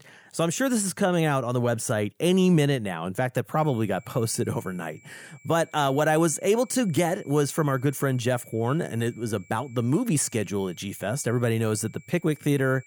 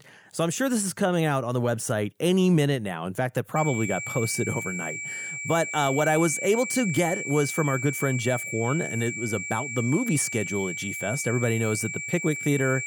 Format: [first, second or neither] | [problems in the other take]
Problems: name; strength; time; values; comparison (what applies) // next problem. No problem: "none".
first | high-pitched whine; loud; from 3.5 s on; 2.5 kHz, 5 dB below the speech; faint in the first